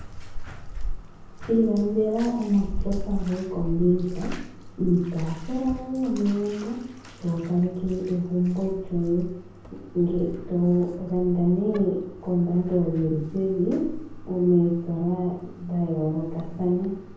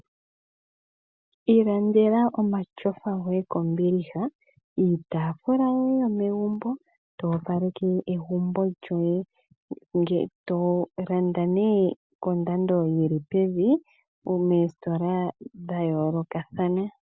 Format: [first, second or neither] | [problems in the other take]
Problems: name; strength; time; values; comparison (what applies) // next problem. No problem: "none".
second | background sound (Bathtub (filling or washing)); 9 dB below the speech // room echo; dies away in 0.9 s